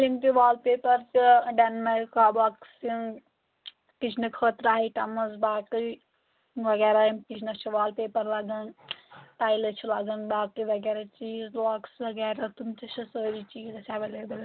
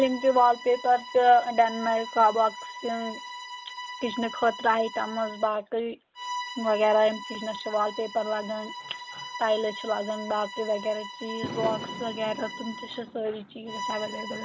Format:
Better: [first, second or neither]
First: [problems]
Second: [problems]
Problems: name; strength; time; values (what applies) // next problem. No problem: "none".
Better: first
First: none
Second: background sound (Bowed string instrument + Fireworks); 12 dB below the speech